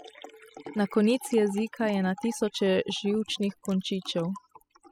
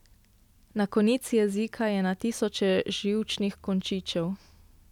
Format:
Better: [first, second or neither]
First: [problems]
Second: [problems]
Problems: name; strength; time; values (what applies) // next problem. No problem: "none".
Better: second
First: noise reduction (classical method spectral subtraction)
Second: none